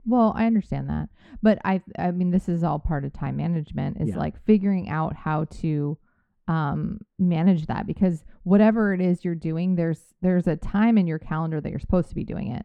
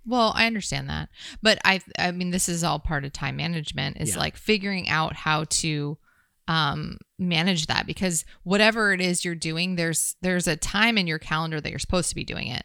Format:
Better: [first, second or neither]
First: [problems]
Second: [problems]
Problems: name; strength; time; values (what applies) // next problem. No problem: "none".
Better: second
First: muffled; very; fading above 2 kHz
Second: none